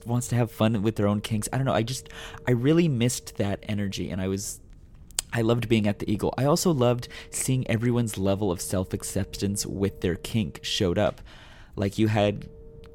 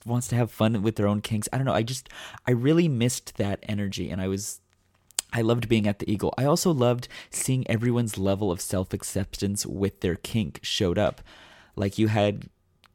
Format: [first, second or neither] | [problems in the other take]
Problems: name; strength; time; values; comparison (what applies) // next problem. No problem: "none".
second | low rumble; faint; throughout; 25 dB below the speech